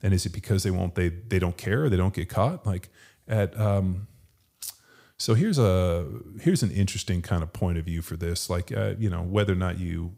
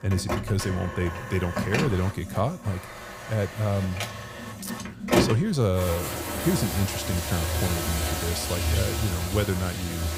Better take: first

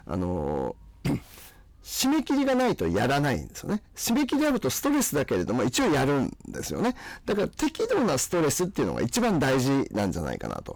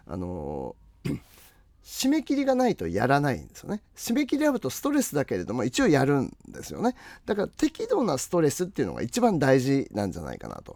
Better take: second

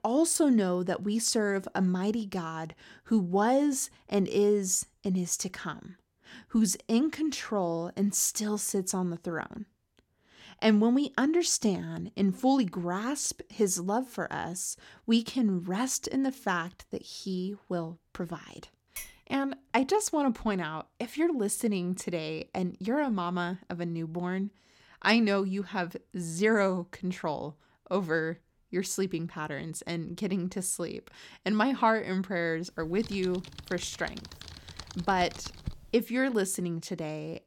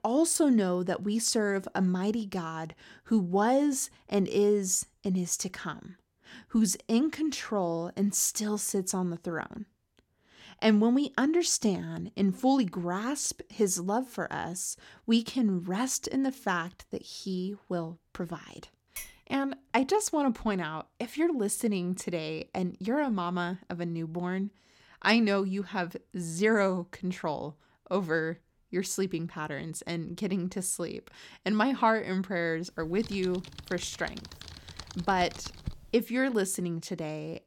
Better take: neither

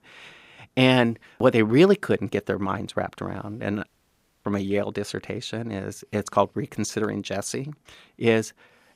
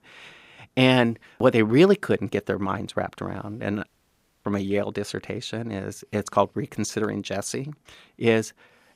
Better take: neither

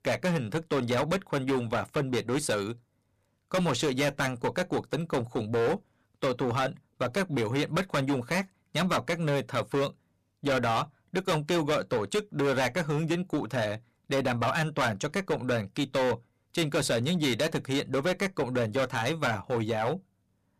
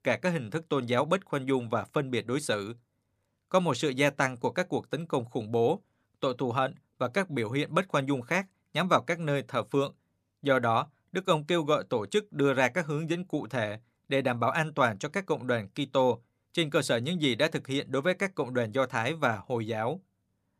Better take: second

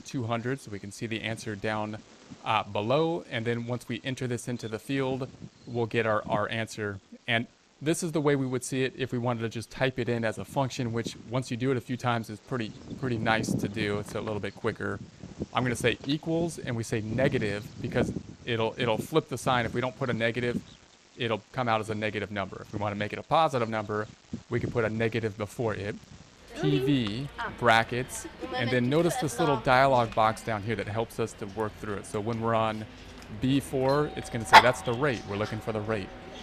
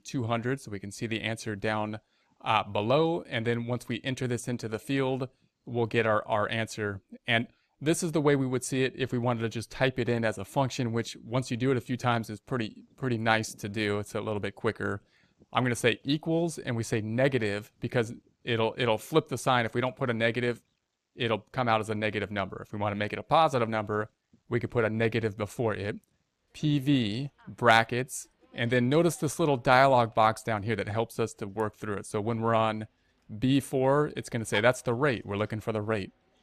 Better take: second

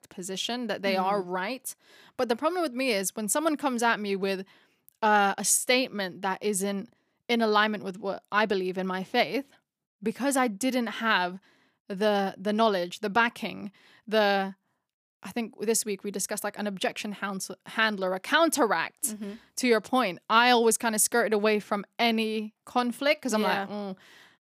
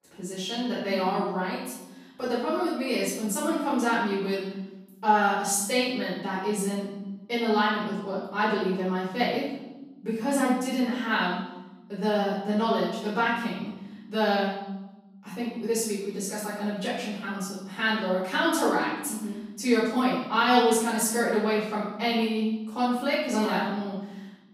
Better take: first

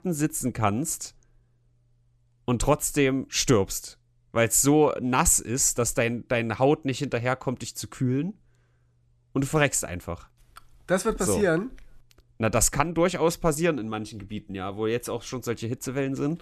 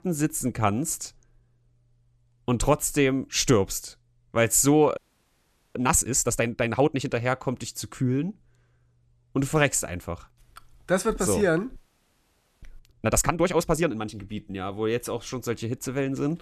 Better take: first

